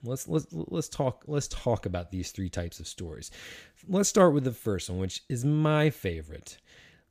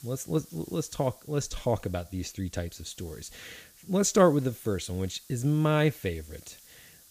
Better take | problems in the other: first | hiss; faint; throughout; 25 dB below the speech

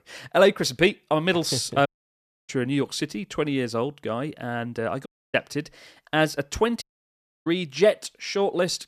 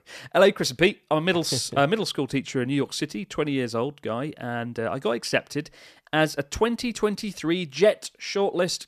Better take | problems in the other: second | audio cutting out; at 2 s for 0.5 s, at 5 s and at 7 s for 0.5 s

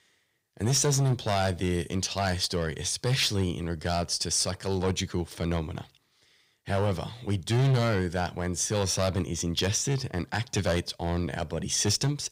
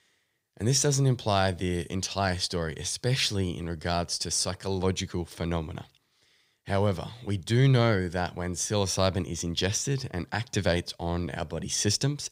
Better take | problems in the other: second | distortion; slight; 5% of the sound clipped

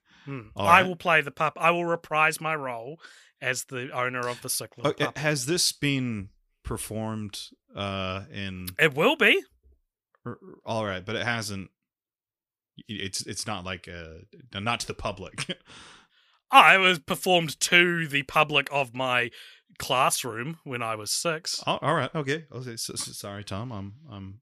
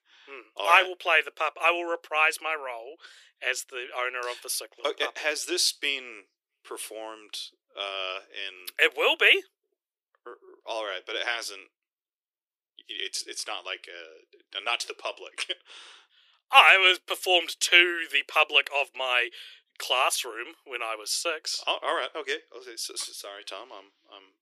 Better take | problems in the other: first | thin; very; fading below 350 Hz

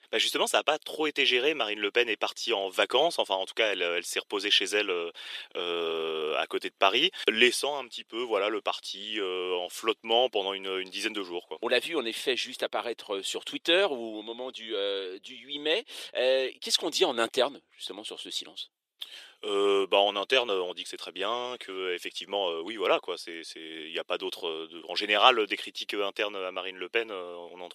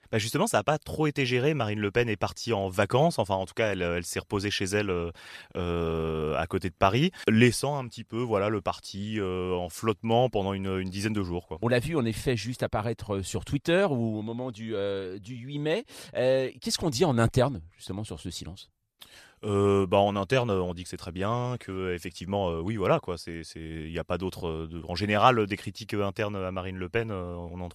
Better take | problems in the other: second | thin; very; fading below 350 Hz

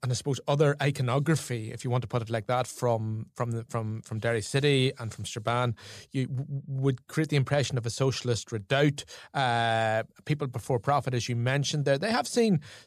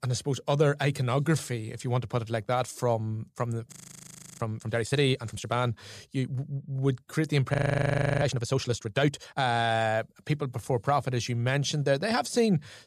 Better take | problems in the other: first | audio freezing; at 3.5 s for 0.5 s and at 7.5 s for 0.5 s

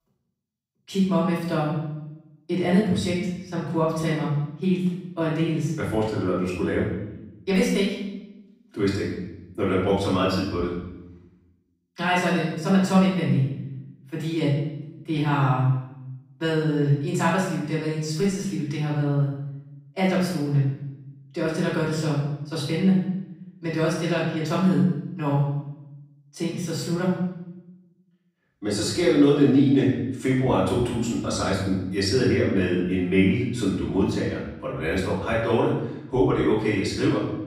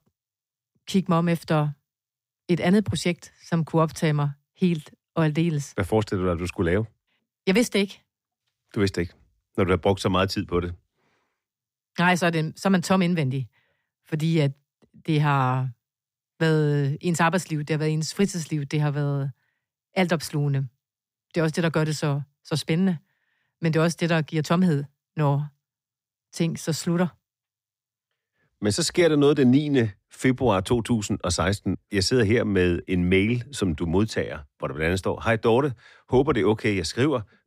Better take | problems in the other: second | off-mic speech; far // room echo; noticeable; dies away in 0.8 s

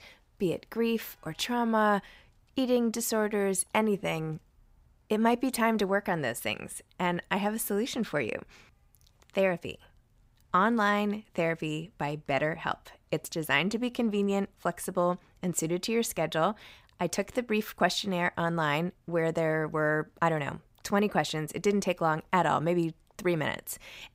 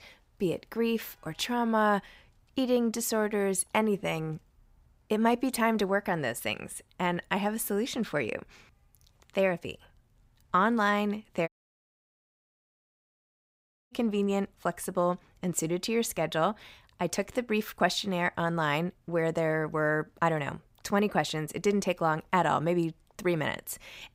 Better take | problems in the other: first | audio cutting out; at 11 s for 2.5 s

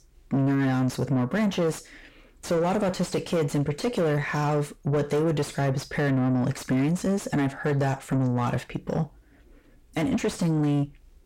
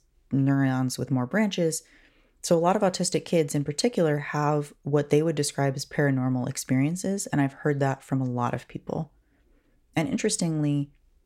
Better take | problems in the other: second | distortion; heavy; 7 dB below the speech

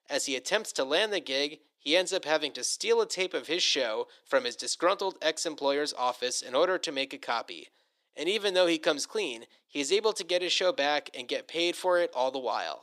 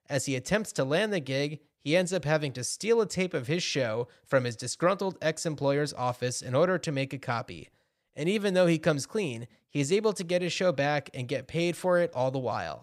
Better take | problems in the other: second | thin; somewhat; fading below 300 Hz

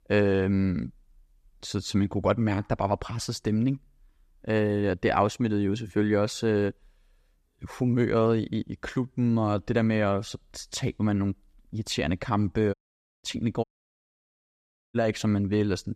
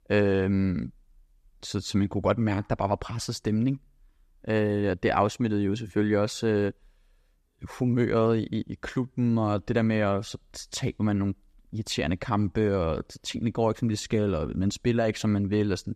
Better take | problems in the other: second | audio cutting out; at 13 s and at 14 s for 1.5 s

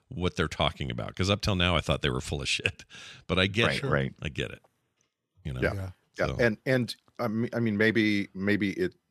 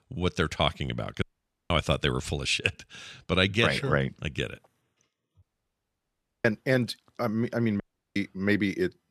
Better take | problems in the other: first | audio cutting out; at 1 s, at 5.5 s for 1 s and at 8 s

